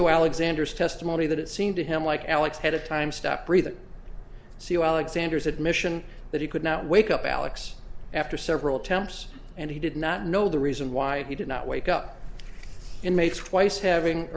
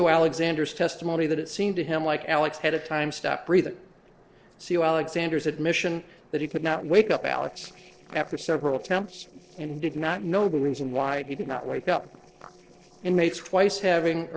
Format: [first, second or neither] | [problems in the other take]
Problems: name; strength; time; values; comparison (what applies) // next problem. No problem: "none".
first | noise reduction (neural separator model SepFormer DNS4)